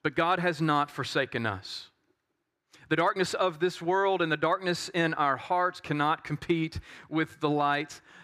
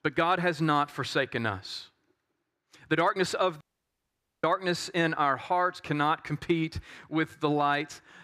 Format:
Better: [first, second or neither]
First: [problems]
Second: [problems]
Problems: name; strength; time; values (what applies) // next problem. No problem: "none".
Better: first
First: none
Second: audio cutting out; at 3.5 s for 1 s